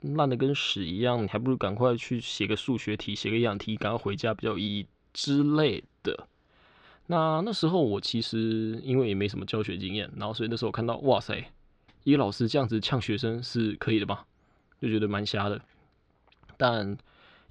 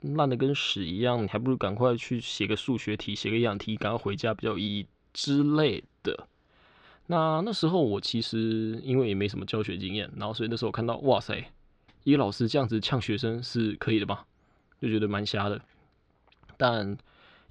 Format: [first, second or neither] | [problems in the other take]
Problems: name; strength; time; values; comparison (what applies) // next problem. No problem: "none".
neither | muffled; slightly; fading above 4 kHz; the same in both